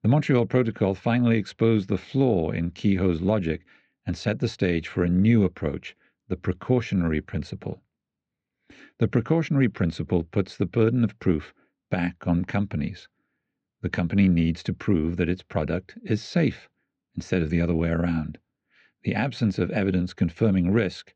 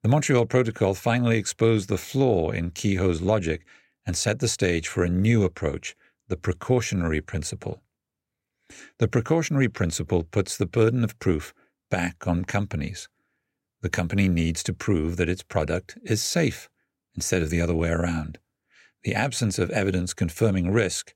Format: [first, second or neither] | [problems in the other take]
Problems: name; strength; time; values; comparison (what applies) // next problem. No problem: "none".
second | muffled; slightly; fading above 4.5 kHz